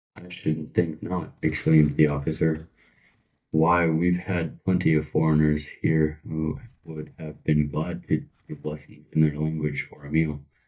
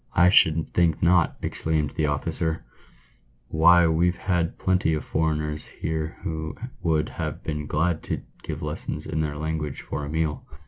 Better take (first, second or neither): second